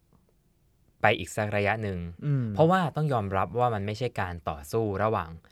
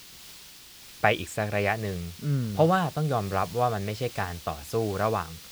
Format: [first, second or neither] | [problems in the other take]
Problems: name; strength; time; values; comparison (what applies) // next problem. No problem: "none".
first | hiss; noticeable; throughout; 15 dB below the speech